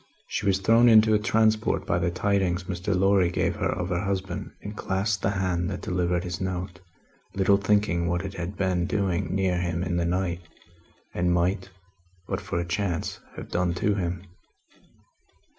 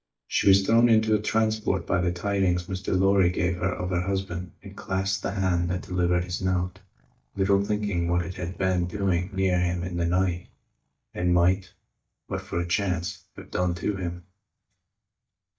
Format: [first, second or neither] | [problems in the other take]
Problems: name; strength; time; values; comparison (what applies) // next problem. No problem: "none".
first | noise reduction (neural mask model DeepFilterNet 3)